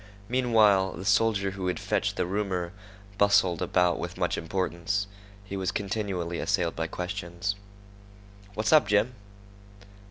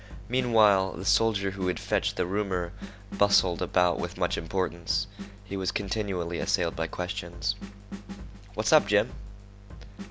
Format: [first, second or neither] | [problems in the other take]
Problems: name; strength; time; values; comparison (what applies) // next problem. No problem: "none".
first | background sound (Drum kit); 14 dB below the speech